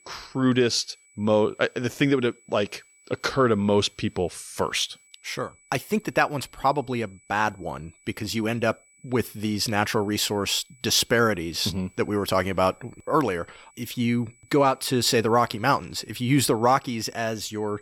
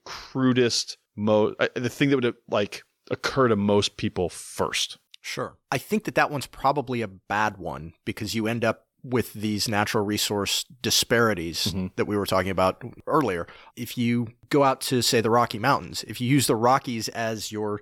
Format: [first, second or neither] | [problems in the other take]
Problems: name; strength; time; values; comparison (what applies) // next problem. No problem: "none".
second | high-pitched whine; faint; throughout; 2.5 kHz, 30 dB below the speech